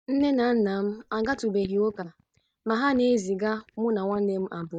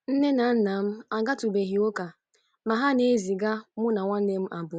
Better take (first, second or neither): second